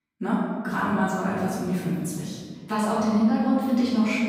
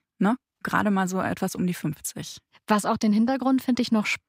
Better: second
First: room echo; strong; dies away in 1.8 s // off-mic speech; far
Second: none

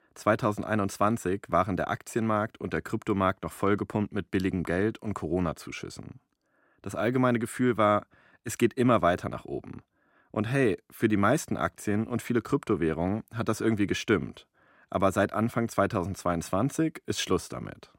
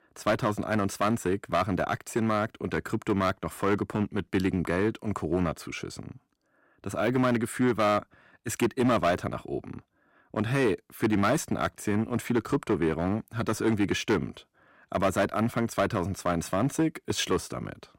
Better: first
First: none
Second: distortion; slight; 5% of the sound clipped

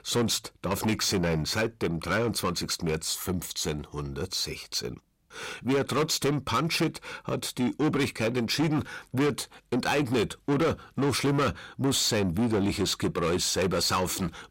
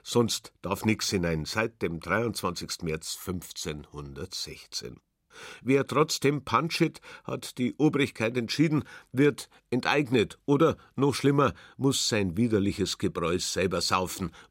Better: second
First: distortion; heavy; 6 dB below the speech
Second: none

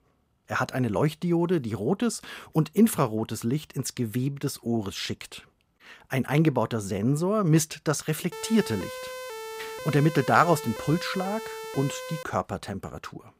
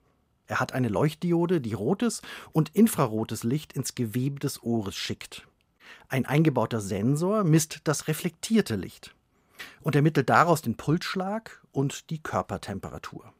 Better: second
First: siren; faint; from 8.5 to 12 s; peak 10 dB below the speech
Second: none

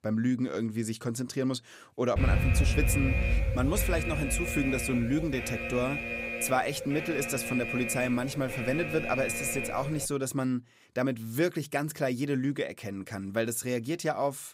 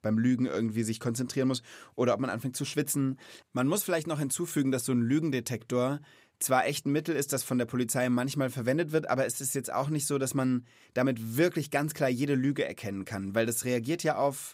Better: second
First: alarm; loud; from 2 to 10 s; peak 5 dB above the speech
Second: none

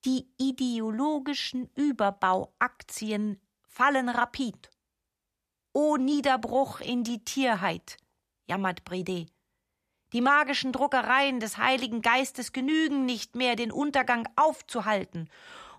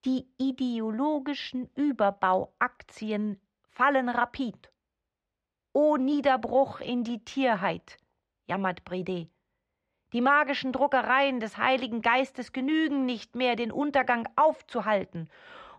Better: first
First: none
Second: muffled; slightly; fading above 3 kHz

